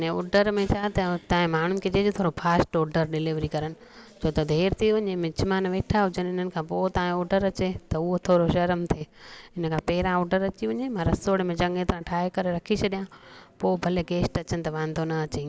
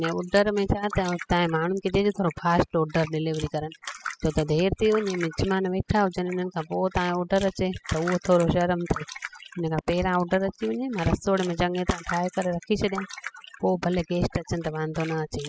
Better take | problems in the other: first | noise reduction (classical method spectral subtraction)

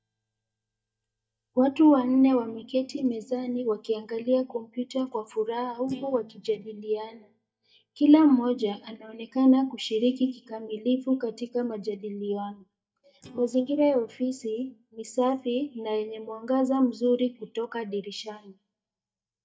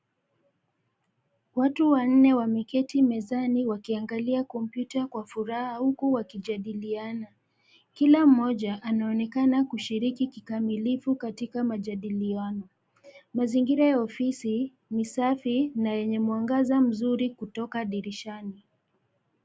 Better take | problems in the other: second | noise reduction (neural mask model DeepFilterNet 3)

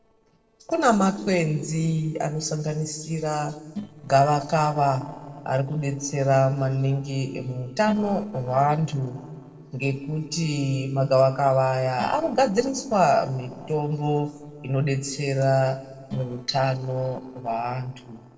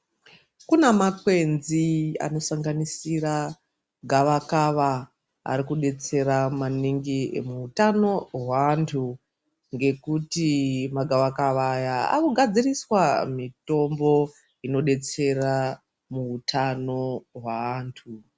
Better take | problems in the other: second | noise reduction (neural separator model SepFormer DNS4)

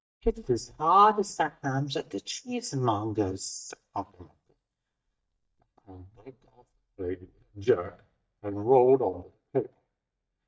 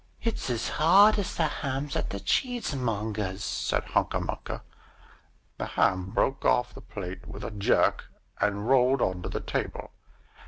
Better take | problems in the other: second | noise reduction (neural mask model DeepFilterNet 3)

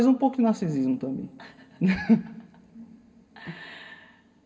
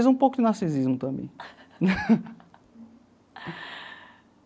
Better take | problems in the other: second | room echo; dies away in 1.9 s

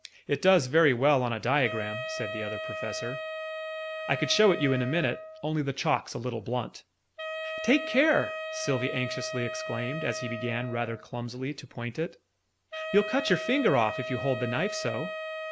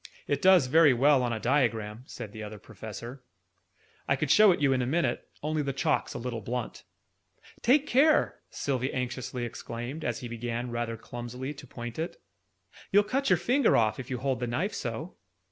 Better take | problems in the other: second | background sound (Wind instrument, woodwind instrument); 8 dB below the speech

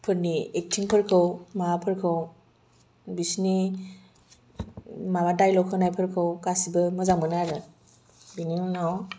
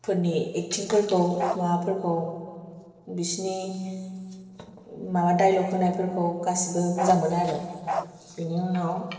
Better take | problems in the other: first | noise reduction (neural separator model SepFormer DNS4)

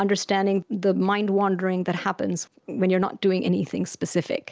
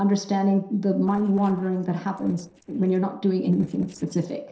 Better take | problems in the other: first | noise reduction (neural separator model SepFormer DNS4)

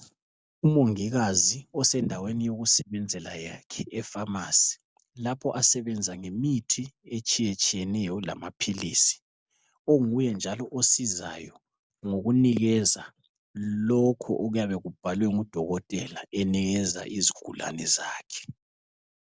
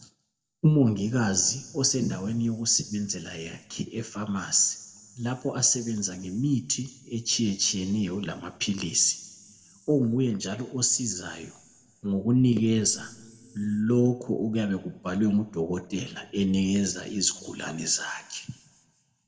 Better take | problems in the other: first | room echo; dies away in 1.3 s

